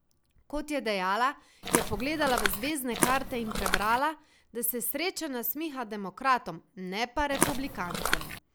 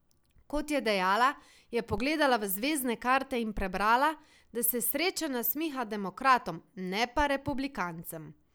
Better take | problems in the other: second | background sound (Walk, footsteps); as loud as the speech

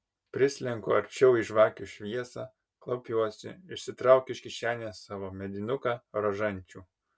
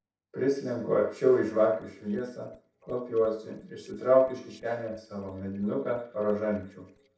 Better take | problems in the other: first | noise reduction (neural separator model SepFormer DNS4)

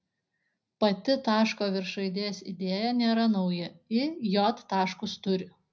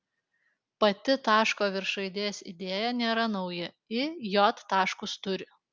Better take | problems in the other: second | room echo; dies away in 0.4 s

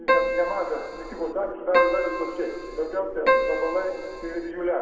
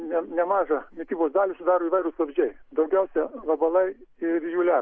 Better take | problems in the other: second | background sound (Keyboard (musical)); 2 dB above the speech // room echo; dies away in 2.2 s

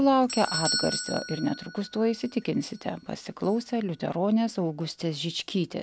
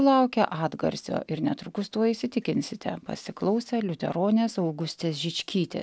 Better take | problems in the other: second | background sound (Doorbell); 10 dB below the speech

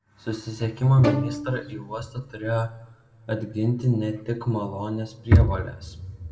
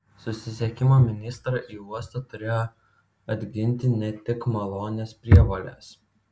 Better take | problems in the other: second | background sound (Bowed string instrument); 8 dB below the speech // room echo; dies away in 1.5 s

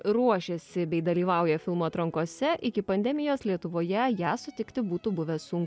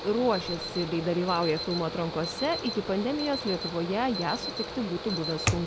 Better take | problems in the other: first | background sound (Mechanical fan + Alarm); 5 dB below the speech

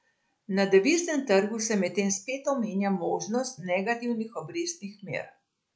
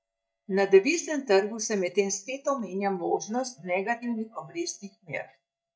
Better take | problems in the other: first | noise reduction (neural mask model DeepFilterNet 3)

